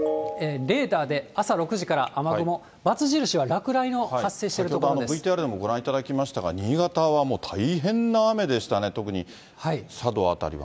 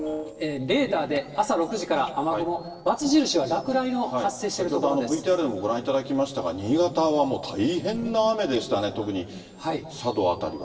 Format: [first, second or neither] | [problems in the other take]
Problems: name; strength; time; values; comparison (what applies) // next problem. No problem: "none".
first | noise reduction (neural separator model SepFormer DNS4)